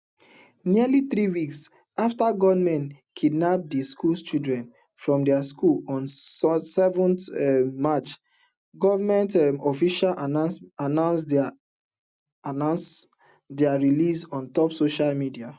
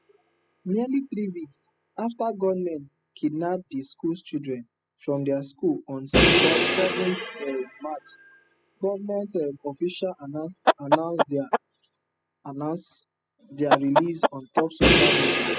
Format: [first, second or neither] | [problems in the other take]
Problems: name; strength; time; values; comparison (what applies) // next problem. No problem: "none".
first | noise reduction (classical method spectral subtraction)